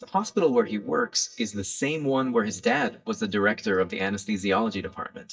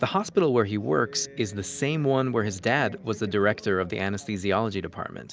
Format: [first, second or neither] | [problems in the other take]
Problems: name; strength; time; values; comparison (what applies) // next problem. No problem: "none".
second | noise reduction (neural mask model DeepFilterNet 3)